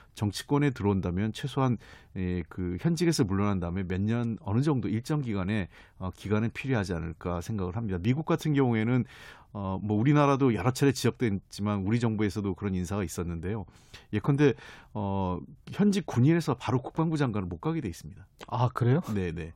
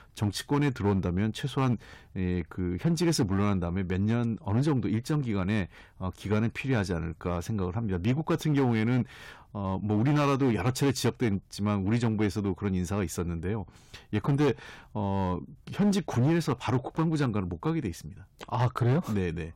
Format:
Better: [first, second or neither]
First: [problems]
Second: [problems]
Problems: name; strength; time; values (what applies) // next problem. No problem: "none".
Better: first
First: none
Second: distortion; slight; 6% of the sound clipped